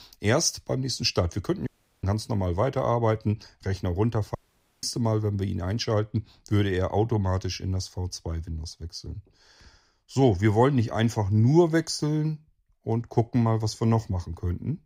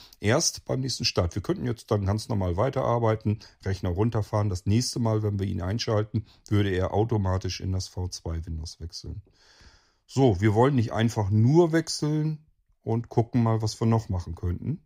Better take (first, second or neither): second